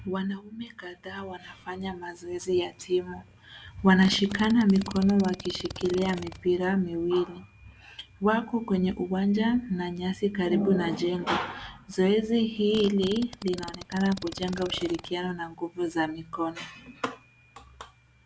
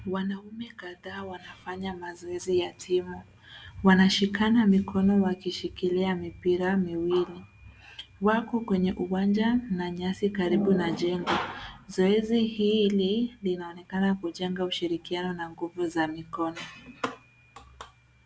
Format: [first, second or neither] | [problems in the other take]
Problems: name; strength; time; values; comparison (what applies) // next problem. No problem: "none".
second | background sound (Fart); 14 dB below the speech